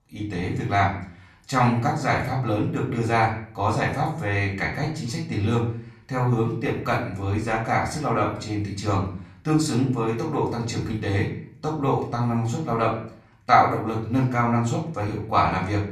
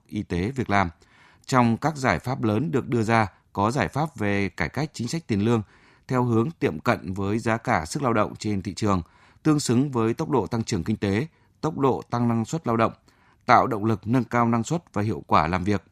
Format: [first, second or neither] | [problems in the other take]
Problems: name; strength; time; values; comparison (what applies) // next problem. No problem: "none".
second | off-mic speech; far // room echo; slight; dies away in 0.5 s